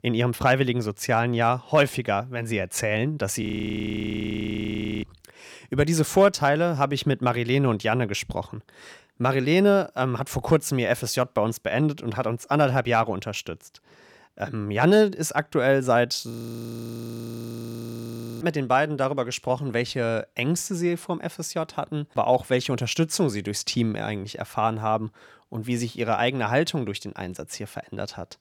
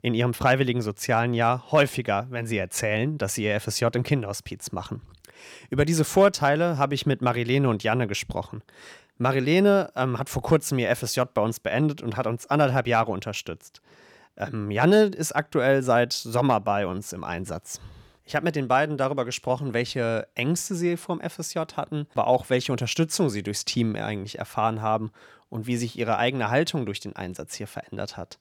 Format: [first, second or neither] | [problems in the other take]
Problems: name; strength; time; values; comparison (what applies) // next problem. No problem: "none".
second | audio freezing; at 3.5 s for 1.5 s and at 16 s for 2 s